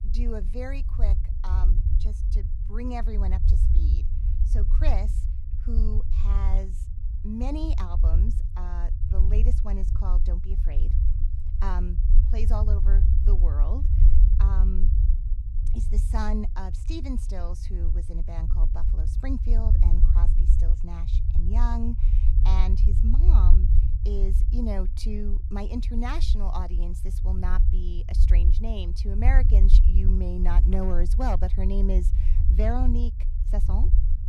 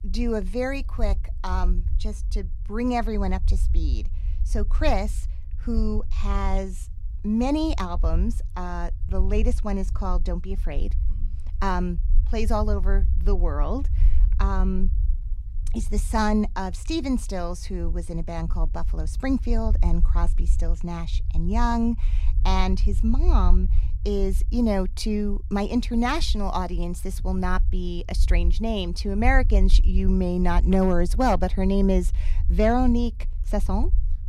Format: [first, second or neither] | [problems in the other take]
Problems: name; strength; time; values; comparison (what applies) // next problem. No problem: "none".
second | low rumble; loud; throughout; 7 dB below the speech; faint in the second